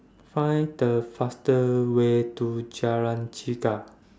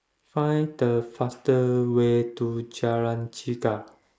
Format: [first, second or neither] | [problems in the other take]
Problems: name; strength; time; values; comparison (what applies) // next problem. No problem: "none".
first | noise reduction (neural mask model Resemble Enhance denoiser)